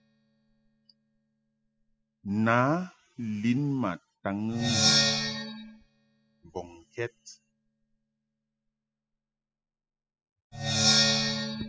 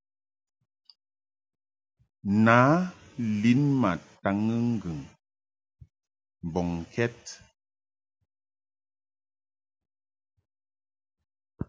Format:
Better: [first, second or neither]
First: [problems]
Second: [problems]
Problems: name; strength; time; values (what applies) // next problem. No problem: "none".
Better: second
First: noise reduction (classical method spectral subtraction)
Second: none